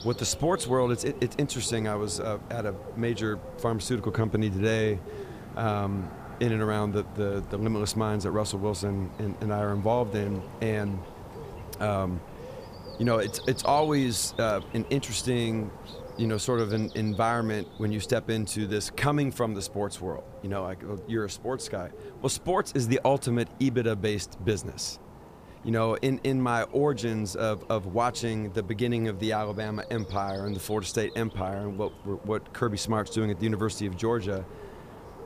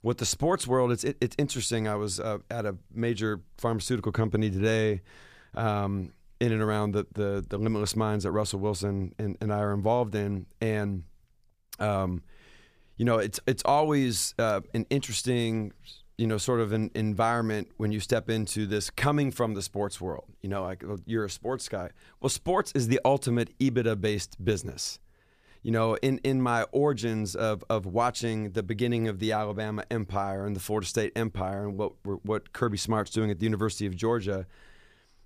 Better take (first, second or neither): second